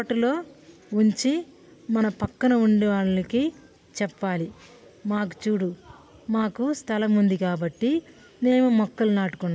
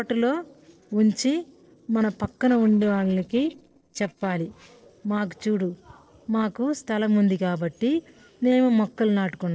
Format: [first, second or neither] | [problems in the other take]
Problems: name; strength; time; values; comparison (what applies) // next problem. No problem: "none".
first | noise reduction (neural separator model SepFormer DNS4)